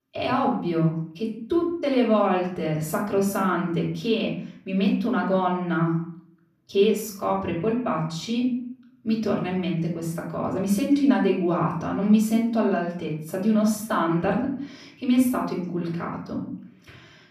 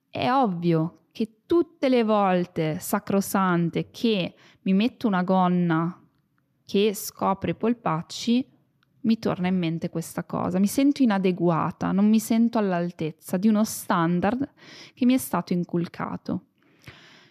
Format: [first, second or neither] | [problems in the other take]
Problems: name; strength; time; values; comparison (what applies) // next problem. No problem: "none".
second | room echo; noticeable; dies away in 0.5 s // off-mic speech; far